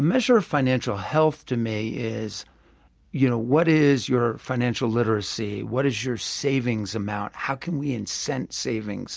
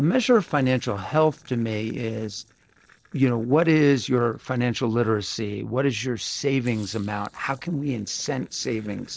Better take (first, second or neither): first